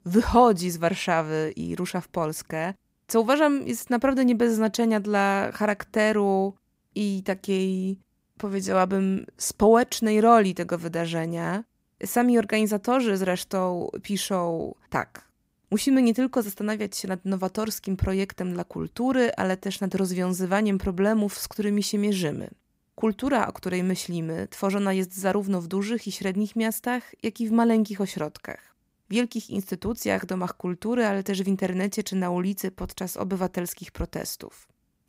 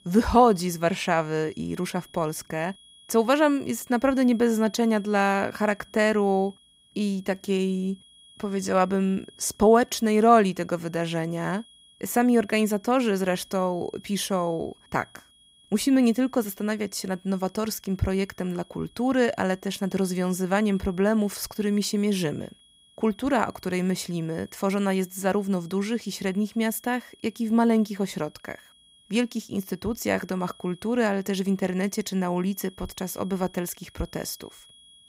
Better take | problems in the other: first | high-pitched whine; faint; throughout; 3.5 kHz, 30 dB below the speech

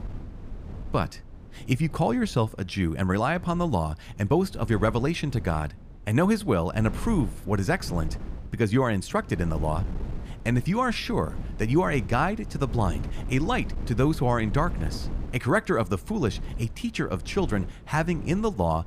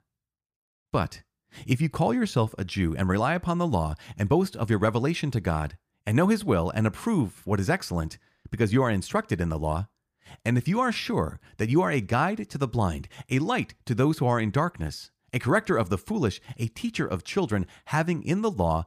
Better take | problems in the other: second | wind noise on the microphone; occasional gusts; 20 dB below the speech

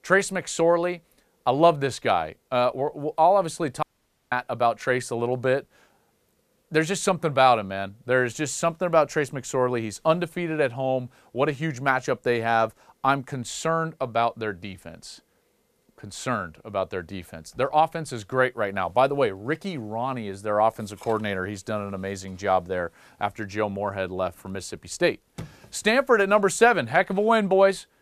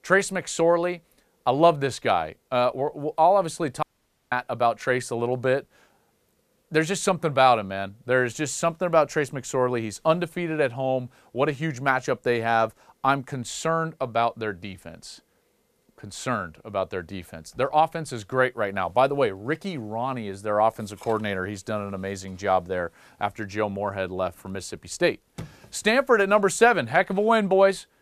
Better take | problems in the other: neither | audio cutting out; at 4 s; the same in both

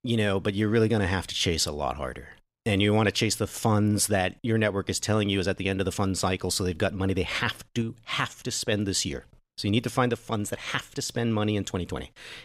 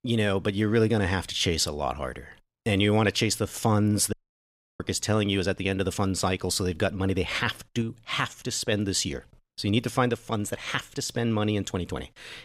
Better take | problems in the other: first | audio cutting out; at 4 s for 0.5 s

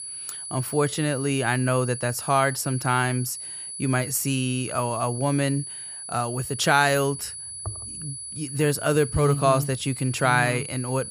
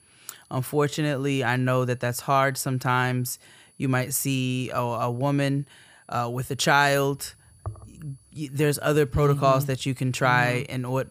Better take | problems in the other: second | high-pitched whine; loud; throughout; 10 kHz, 9 dB below the speech; faint in the second

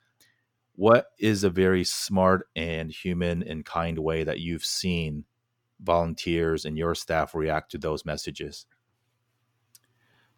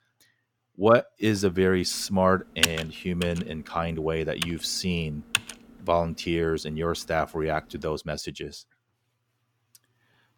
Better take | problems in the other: first | keyboard typing; loud; from 2.5 to 5.5 s; peak 2 dB above the speech

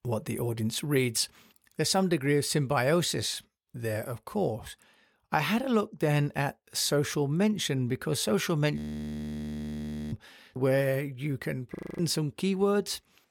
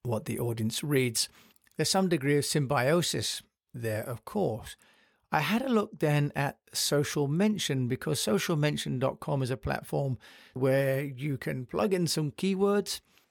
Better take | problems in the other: second | audio freezing; at 9 s for 1.5 s and at 12 s

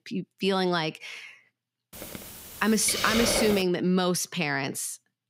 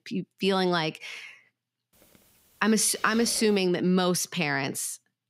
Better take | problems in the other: second | hiss; loud; from 2 to 3.5 s; 5 dB below the speech; faint in the second

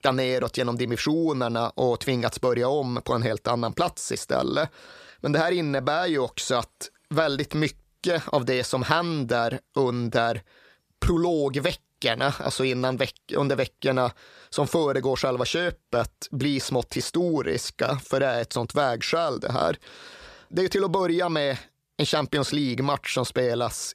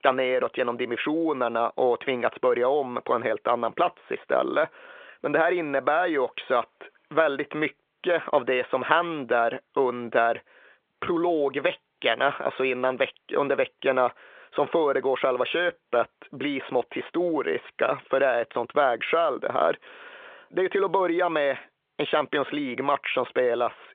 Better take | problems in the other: first | phone-call audio

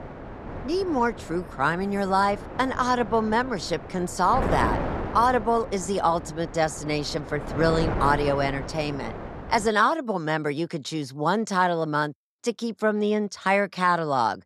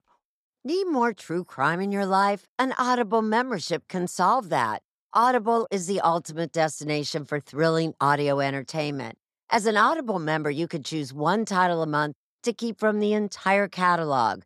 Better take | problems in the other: second | wind noise on the microphone; occasional gusts; until 9.5 s; 10 dB below the speech

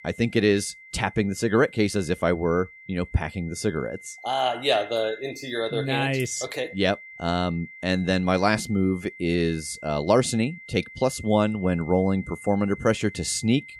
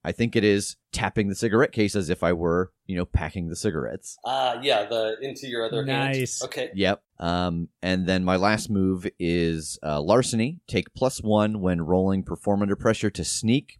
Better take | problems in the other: second | high-pitched whine; noticeable; throughout; 2 kHz, 15 dB below the speech

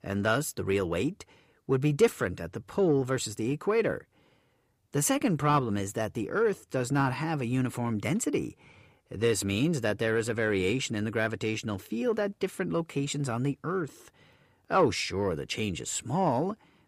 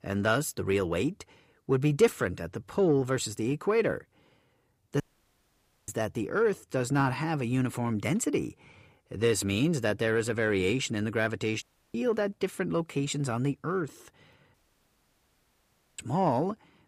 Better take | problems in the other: first | audio cutting out; at 5 s for 1 s, at 12 s and at 15 s for 1.5 s

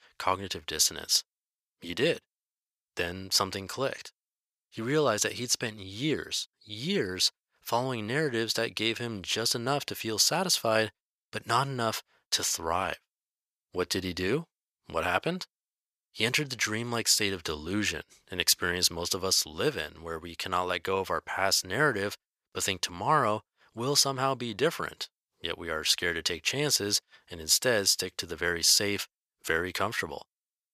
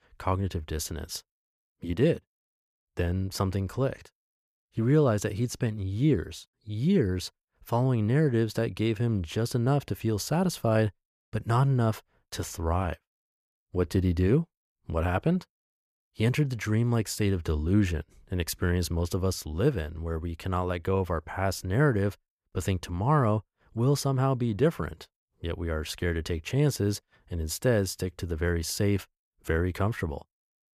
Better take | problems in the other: second | thin; somewhat; fading below 1 kHz

